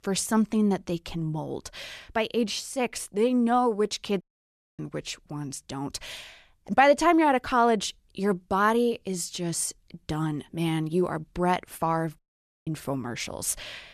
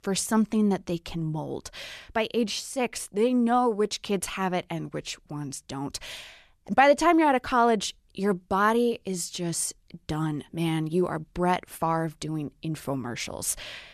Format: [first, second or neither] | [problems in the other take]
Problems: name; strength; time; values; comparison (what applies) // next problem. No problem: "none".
second | audio cutting out; at 4 s for 0.5 s and at 12 s